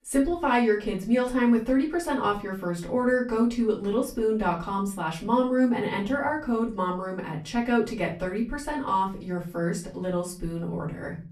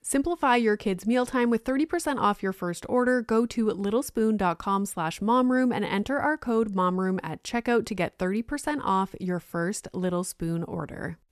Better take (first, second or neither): second